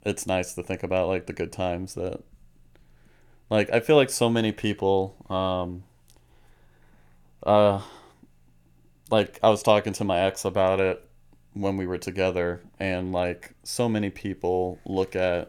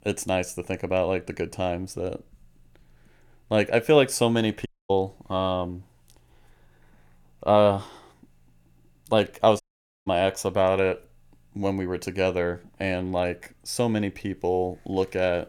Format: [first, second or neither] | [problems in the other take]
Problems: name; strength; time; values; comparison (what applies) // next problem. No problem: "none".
first | audio cutting out; at 4.5 s and at 9.5 s